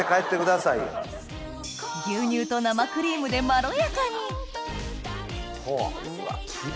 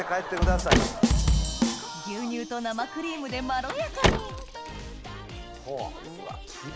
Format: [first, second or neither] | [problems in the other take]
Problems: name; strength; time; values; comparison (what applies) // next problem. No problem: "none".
first | background sound (Bass drum / Drum kit + Car); 4 dB above the speech